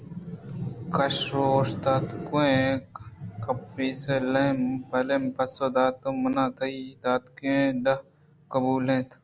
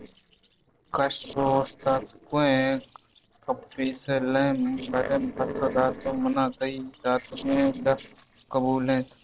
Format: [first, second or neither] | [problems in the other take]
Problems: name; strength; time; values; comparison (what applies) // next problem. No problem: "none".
first | noise reduction (neural separator model SepFormer DNS4)